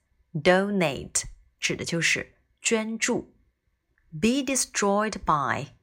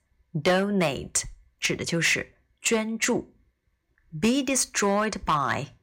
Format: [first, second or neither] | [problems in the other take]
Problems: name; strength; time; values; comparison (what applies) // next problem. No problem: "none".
first | distortion; slight; 3% of the sound clipped